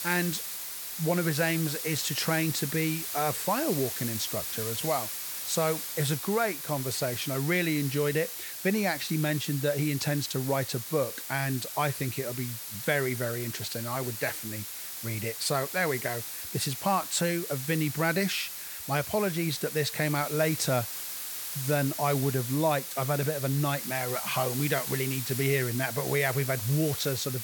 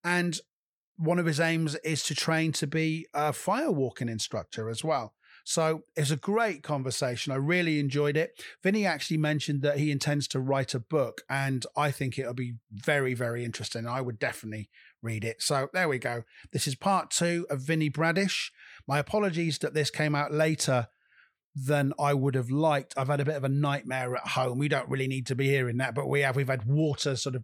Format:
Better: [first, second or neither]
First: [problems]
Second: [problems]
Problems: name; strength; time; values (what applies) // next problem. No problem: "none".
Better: second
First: hiss; loud; throughout; 5 dB below the speech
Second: none